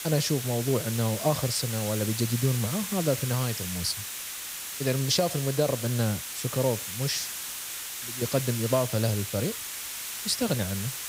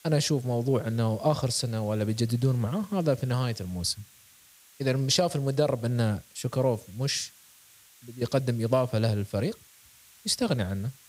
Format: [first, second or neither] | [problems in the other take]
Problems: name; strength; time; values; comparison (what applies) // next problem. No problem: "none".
second | hiss; loud; throughout; 5 dB below the speech; faint in the second